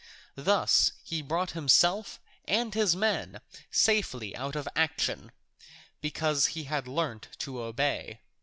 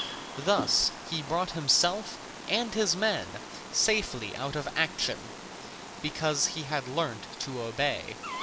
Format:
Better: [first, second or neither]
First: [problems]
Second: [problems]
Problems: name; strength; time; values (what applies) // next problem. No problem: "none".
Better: first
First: none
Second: background sound (Bird vocalization, bird call, bird song); 10 dB below the speech